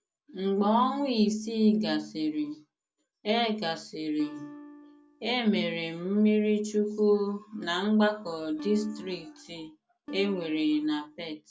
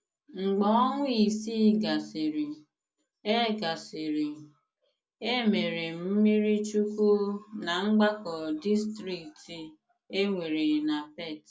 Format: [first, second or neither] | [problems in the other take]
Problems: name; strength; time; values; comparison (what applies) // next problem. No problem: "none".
second | background sound (Acoustic guitar); 16 dB below the speech